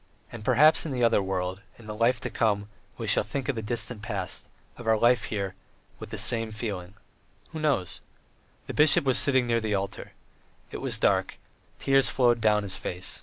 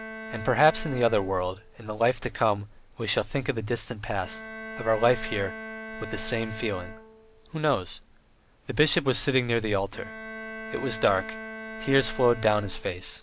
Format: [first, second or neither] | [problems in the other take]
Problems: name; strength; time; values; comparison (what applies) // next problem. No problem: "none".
first | background sound (Bowed string instrument); 14 dB below the speech